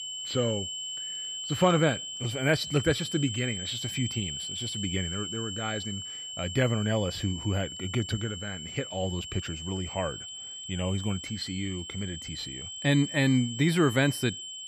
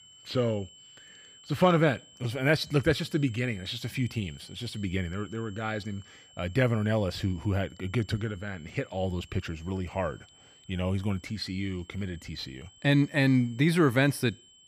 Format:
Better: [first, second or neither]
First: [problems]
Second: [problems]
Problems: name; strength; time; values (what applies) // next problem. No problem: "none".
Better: second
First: high-pitched whine; loud; throughout; 3 kHz, 6 dB below the speech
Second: high-pitched whine; faint; throughout; 3 kHz, 25 dB below the speech